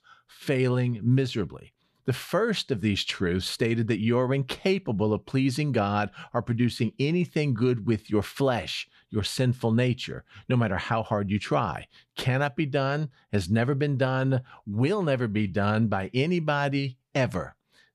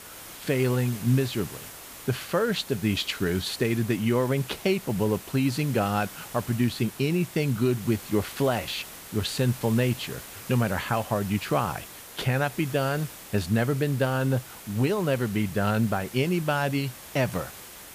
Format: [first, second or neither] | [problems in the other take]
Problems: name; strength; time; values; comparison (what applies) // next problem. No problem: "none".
first | hiss; noticeable; throughout; 15 dB below the speech